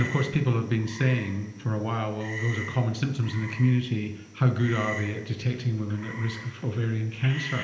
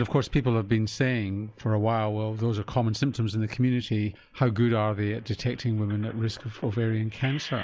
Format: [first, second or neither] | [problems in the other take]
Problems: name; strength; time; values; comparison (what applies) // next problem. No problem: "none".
second | background sound (Frog); 15 dB below the speech // room echo; dies away in 0.9 s